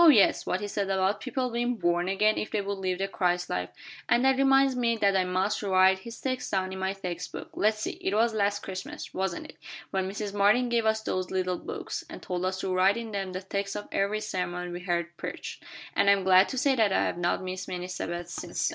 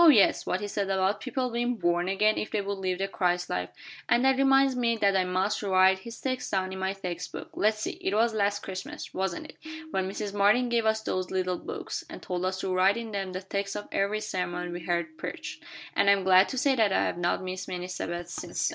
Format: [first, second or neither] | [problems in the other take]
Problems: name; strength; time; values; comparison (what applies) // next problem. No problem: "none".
first | background sound (Tabla); 20 dB below the speech